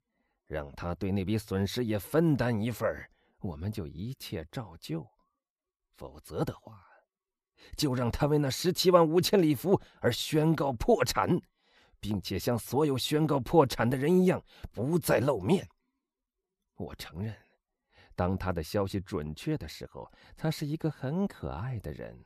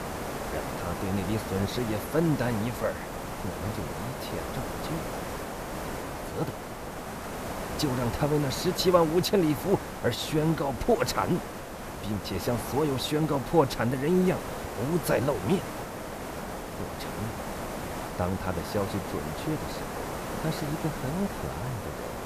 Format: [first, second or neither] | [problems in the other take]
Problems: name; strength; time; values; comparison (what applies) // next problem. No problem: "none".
first | hiss; loud; throughout; 7 dB below the speech